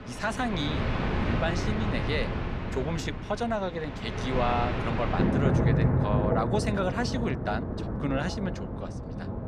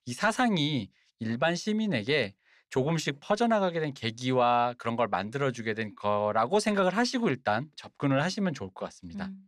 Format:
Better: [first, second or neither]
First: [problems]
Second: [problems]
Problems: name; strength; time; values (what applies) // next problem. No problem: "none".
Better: second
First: rain or running water; very loud; throughout; 2 dB above the speech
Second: none